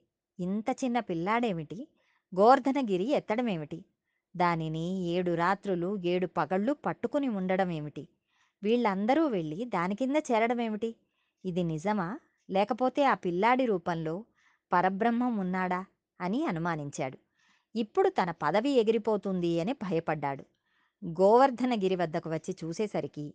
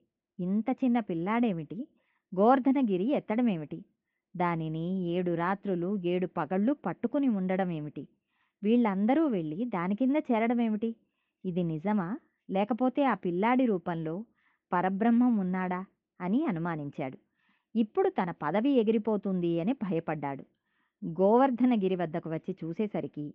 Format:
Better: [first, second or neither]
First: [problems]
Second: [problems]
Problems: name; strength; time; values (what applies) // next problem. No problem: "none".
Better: first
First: none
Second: muffled; very; fading above 3 kHz